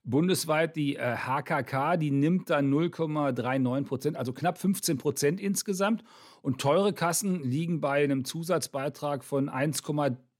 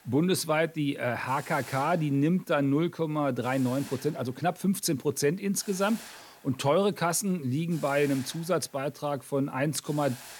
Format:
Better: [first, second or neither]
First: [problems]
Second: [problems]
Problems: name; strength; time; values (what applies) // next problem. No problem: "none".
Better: first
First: none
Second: hiss; noticeable; throughout; 20 dB below the speech